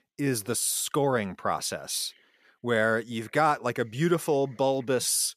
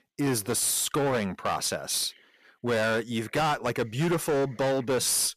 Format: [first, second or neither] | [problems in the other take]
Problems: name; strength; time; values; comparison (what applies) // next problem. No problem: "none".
first | distortion; heavy; 16% of the sound clipped